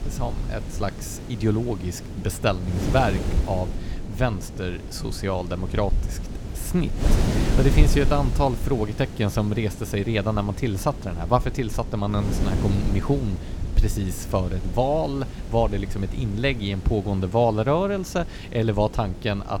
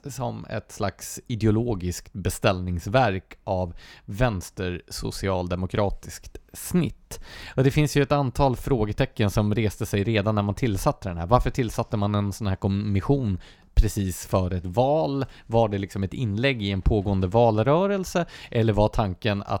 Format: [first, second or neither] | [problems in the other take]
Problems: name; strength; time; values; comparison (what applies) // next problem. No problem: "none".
second | wind noise on the microphone; occasional gusts; 10 dB below the speech